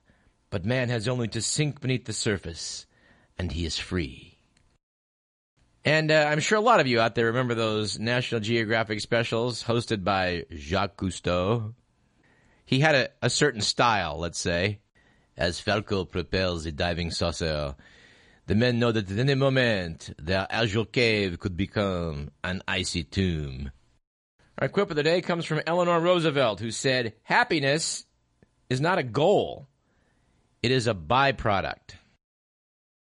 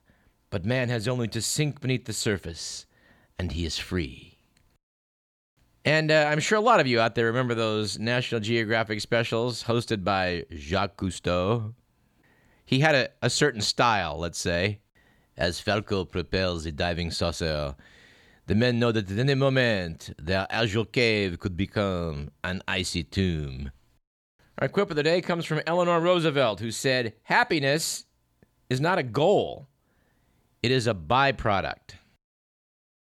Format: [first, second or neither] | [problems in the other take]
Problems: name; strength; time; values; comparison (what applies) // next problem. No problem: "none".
second | garbled, watery; slightly; nothing above 10.5 kHz